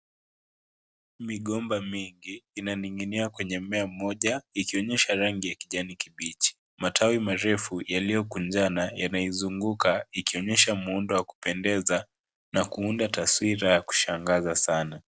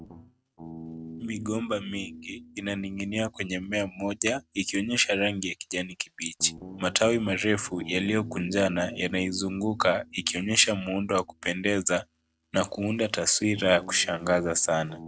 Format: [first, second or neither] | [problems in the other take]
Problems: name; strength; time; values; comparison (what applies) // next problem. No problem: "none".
first | noise reduction (neural mask model RNNoise)